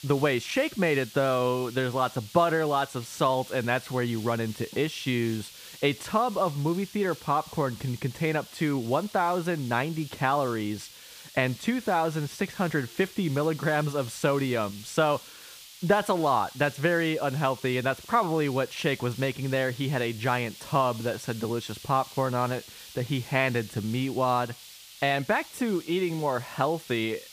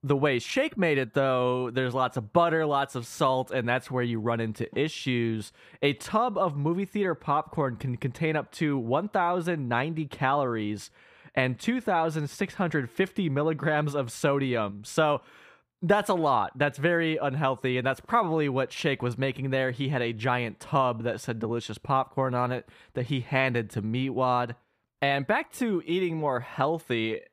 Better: second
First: hiss; noticeable; throughout; 15 dB below the speech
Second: none

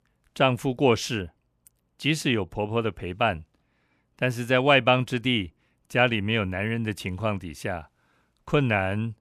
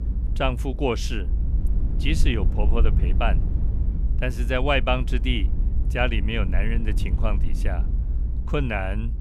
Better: first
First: none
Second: low rumble; noticeable; throughout; 15 dB below the speech

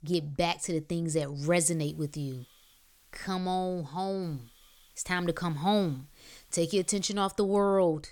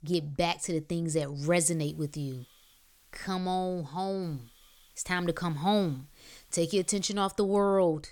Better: neither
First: hiss; faint; from 1.5 to 3.5 s and from 4 to 7 s; 30 dB below the speech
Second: hiss; faint; from 1.5 to 3.5 s and from 4 to 7 s; 30 dB below the speech

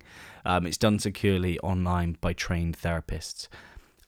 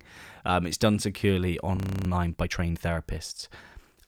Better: first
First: none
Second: audio freezing; at 2 s

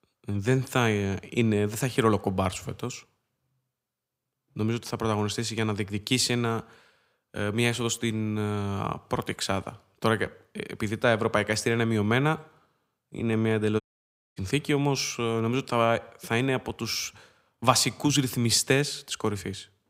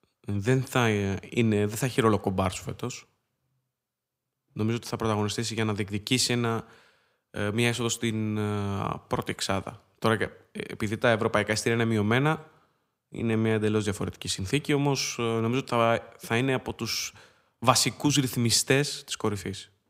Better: second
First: audio cutting out; at 14 s for 0.5 s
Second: none

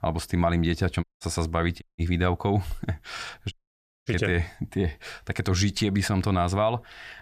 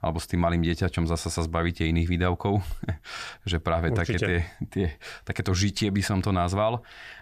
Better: second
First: audio cutting out; at 1 s, at 2 s and at 3.5 s for 0.5 s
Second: none

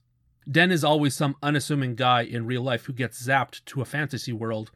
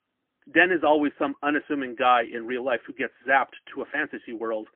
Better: first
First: none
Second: phone-call audio; poor line; nothing above 3.5 kHz

